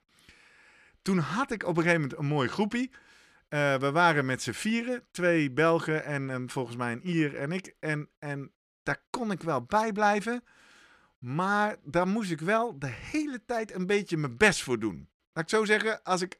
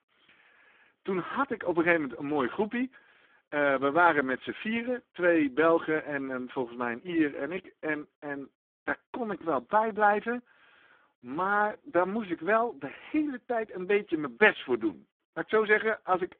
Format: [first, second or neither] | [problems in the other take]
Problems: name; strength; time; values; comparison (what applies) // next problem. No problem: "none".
first | phone-call audio; poor line